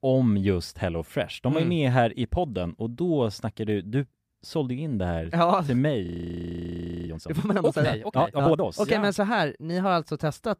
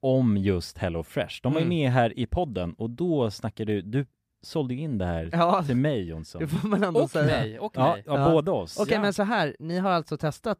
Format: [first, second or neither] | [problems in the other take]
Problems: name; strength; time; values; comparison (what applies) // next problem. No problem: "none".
second | audio freezing; at 6 s for 1 s